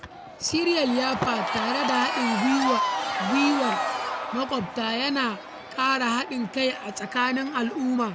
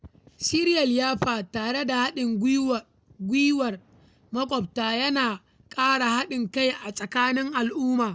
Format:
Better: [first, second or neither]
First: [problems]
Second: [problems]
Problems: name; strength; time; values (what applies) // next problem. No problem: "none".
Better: second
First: background sound (Crowd / Cheering); 4 dB below the speech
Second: none